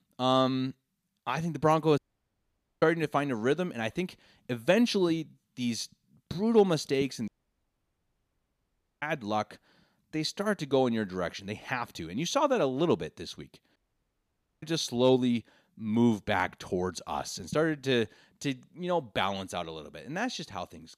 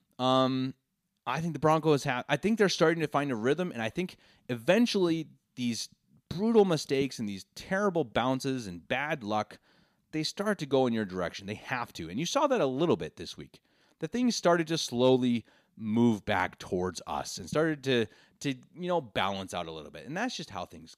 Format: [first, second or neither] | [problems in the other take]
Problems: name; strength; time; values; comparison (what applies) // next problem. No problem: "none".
second | audio cutting out; at 2 s for 1 s, at 7.5 s for 1.5 s and at 14 s for 1 s